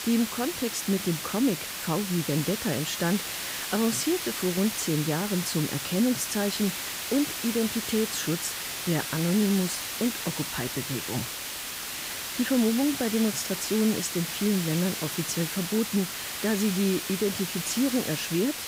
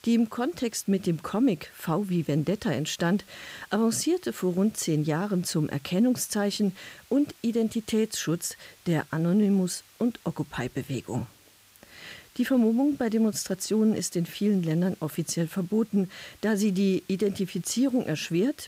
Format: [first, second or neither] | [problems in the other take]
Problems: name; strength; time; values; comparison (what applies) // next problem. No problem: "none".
second | hiss; loud; throughout; 3 dB below the speech; faint in the second